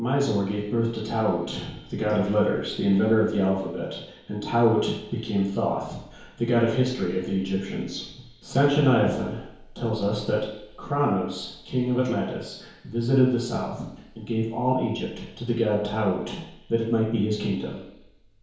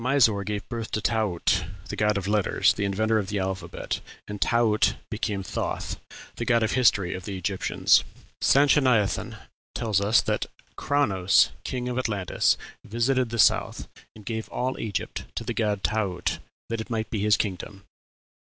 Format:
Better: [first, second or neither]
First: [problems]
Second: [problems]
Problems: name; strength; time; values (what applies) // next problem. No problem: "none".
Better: second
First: room echo; dies away in 1 s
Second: none